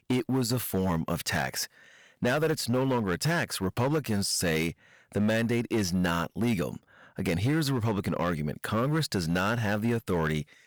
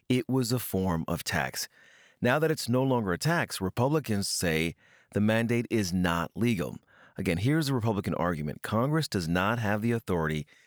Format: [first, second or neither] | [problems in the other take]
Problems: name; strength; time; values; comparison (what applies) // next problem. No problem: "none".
second | distortion; slight; 9% of the sound clipped